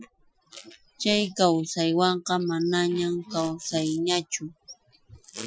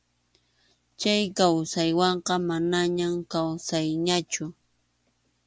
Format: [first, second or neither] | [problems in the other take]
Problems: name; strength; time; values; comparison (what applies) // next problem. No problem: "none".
second | noise reduction (classical method Wiener filter)